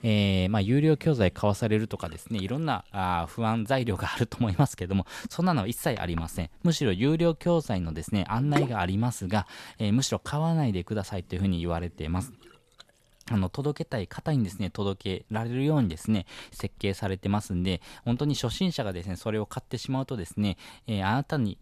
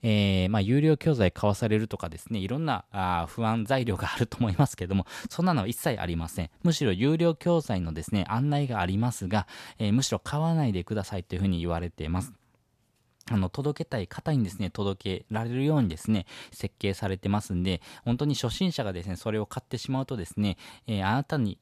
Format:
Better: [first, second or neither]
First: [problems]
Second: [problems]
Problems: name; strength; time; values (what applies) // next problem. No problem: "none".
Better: second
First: household noises; noticeable; throughout; 15 dB below the speech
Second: none